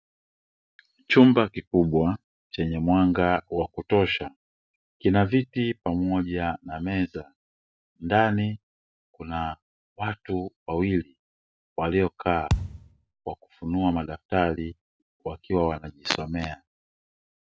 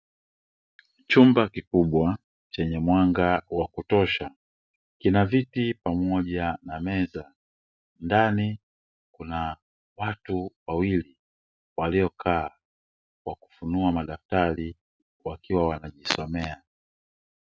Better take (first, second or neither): second